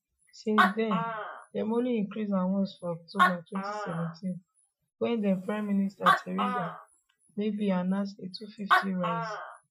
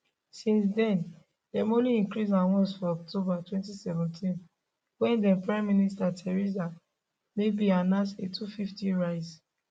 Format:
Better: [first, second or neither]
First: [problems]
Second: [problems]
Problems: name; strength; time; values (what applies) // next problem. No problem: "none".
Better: second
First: noise reduction (classical method Wiener filter)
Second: none